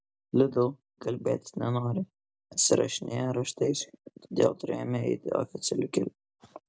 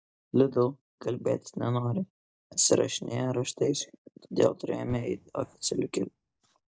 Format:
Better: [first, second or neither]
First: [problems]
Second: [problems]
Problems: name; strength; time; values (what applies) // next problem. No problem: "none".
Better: first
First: none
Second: noise reduction (neural mask model DeepFilterNet 3)